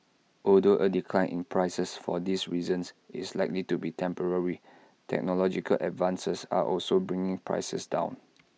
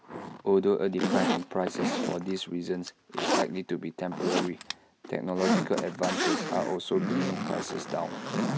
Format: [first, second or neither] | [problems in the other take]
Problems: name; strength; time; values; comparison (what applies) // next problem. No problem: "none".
first | background sound (Zipper (clothing)); 1 dB below the speech